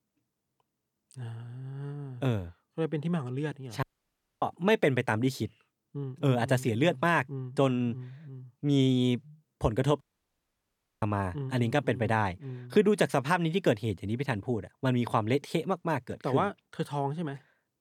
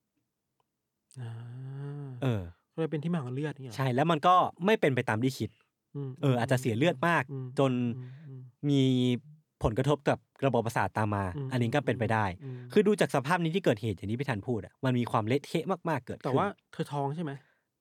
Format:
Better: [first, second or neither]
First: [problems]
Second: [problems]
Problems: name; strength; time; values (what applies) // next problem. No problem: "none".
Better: second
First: audio cutting out; at 4 s for 0.5 s and at 10 s for 1 s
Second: none